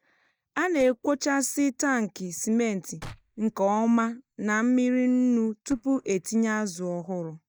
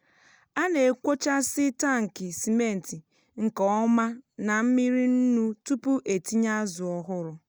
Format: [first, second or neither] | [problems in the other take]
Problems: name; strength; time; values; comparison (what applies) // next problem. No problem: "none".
second | noise reduction (neural mask model DeepFilterNet 3)